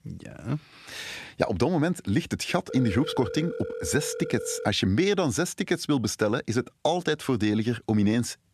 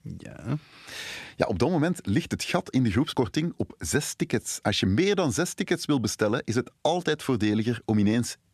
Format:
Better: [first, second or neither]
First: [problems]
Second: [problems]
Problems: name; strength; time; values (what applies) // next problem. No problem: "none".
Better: second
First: phone ringing; noticeable; from 2.5 to 4.5 s; peak 8 dB below the speech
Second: none